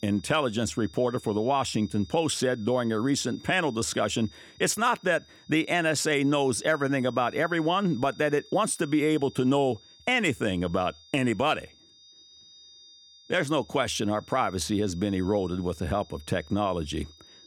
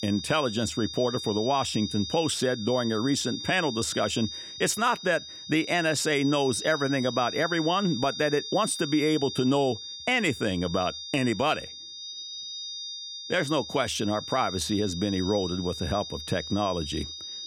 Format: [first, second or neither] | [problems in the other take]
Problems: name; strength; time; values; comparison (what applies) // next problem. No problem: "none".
first | high-pitched whine; loud; throughout; 3.5 kHz, 8 dB below the speech; faint in the first